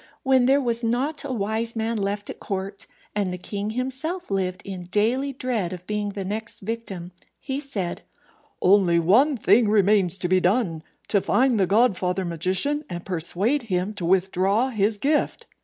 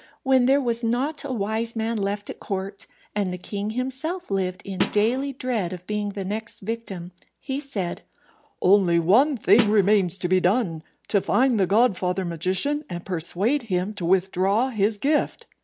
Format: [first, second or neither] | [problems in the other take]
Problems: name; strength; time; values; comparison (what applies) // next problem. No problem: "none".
first | background sound (Snare drum); 4 dB below the speech